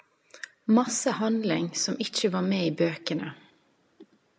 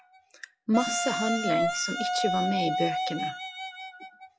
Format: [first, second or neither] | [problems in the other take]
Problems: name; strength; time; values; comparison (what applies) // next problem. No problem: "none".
first | noise reduction (classical method log-MMSE)